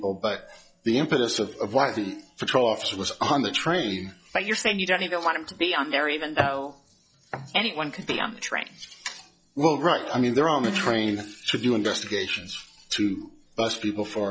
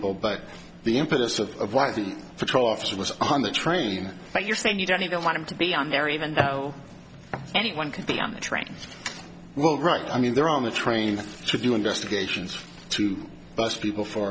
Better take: second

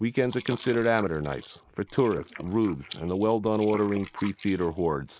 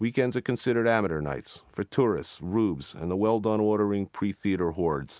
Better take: second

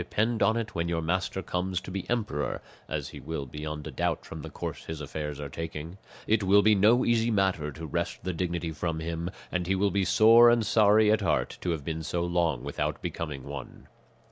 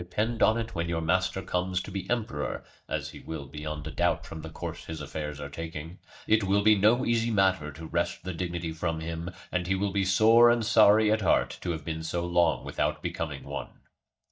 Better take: first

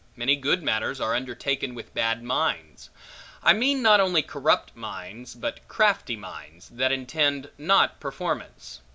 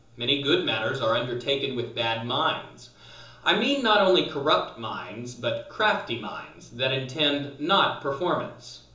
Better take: first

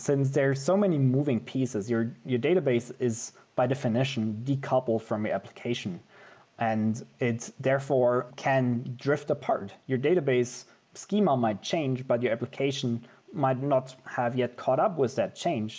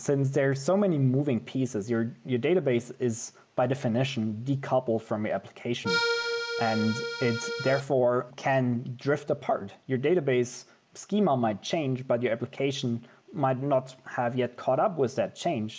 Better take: first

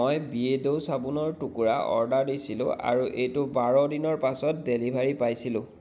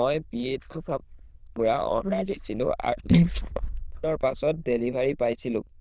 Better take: first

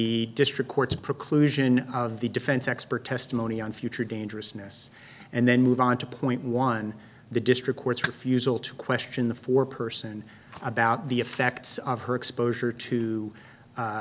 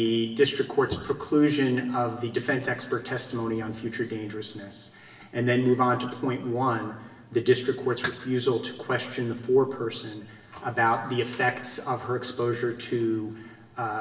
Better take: first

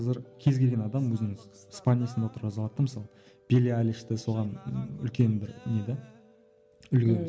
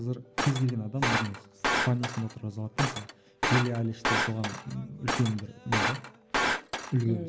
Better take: first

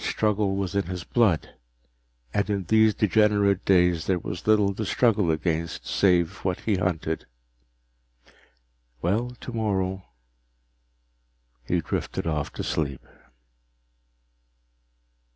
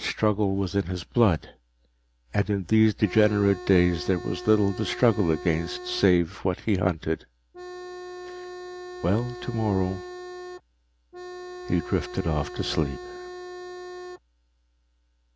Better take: first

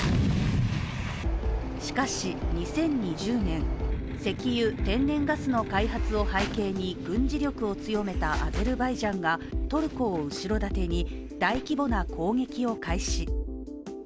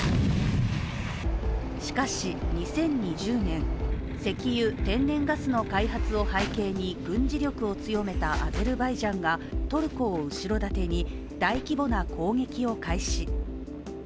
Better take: first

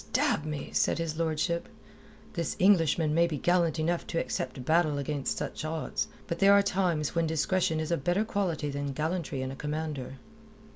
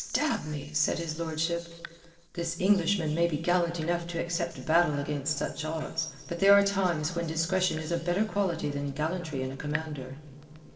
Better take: first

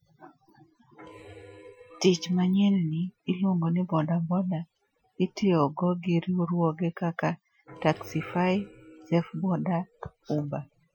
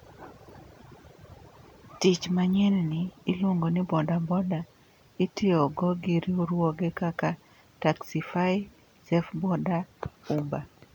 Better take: second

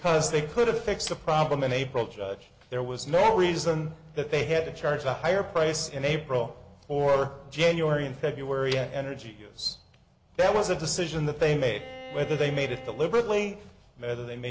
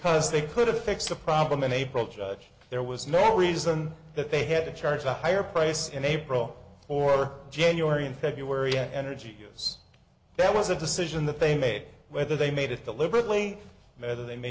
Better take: second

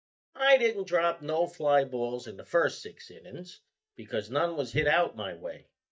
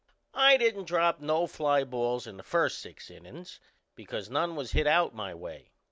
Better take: second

